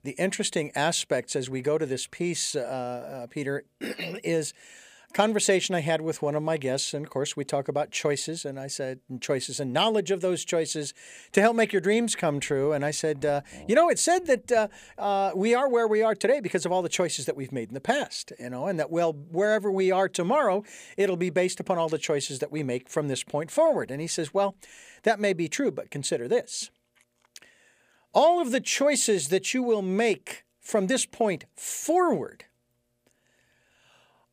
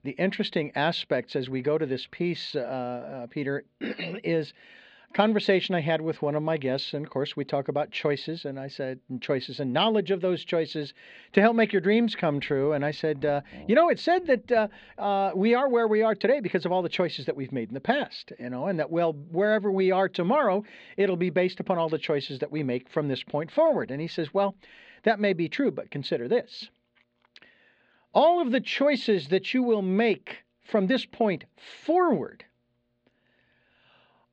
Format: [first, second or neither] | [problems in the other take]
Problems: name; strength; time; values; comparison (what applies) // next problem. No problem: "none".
first | muffled; slightly; fading above 4 kHz